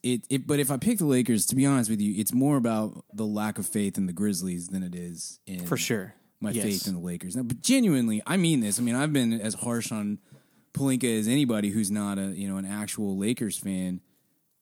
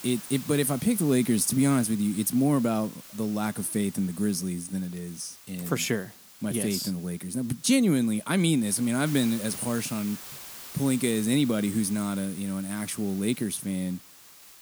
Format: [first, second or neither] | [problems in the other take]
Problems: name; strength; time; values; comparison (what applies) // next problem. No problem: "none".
first | hiss; noticeable; throughout; 15 dB below the speech